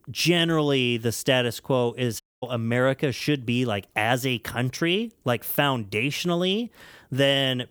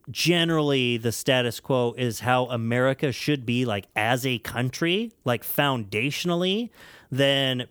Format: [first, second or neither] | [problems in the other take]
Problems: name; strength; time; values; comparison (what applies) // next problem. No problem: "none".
second | audio cutting out; at 2 s